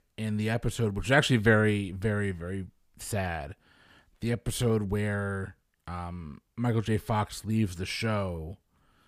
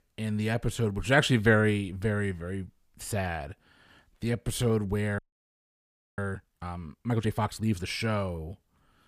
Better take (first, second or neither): first